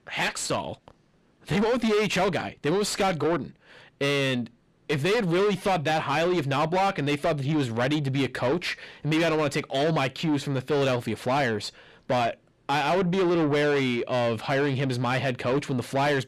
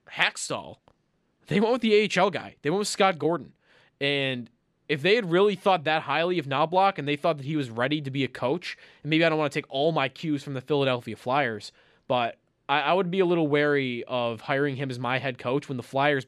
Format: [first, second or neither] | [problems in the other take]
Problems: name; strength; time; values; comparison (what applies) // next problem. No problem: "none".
second | distortion; heavy; 6 dB below the speech